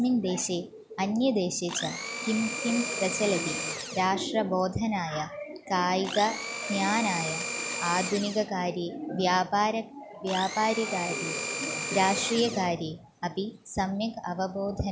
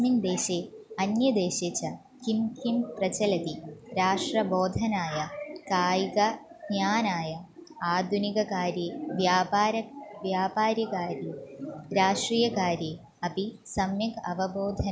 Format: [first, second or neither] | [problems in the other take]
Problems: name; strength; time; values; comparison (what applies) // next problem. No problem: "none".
second | background sound (Domestic sounds, home sounds); 5 dB below the speech